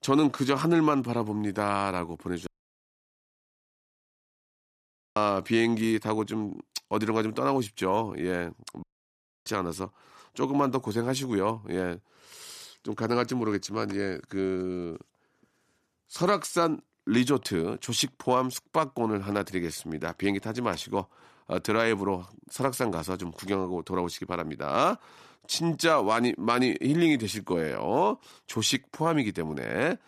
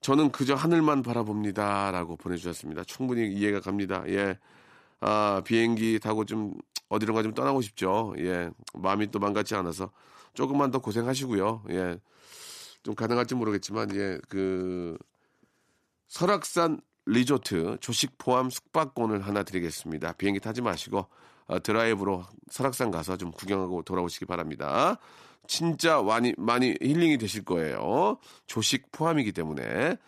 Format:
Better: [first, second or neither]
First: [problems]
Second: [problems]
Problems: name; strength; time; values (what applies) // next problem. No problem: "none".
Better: second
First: audio cutting out; at 2.5 s for 2.5 s and at 9 s for 0.5 s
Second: none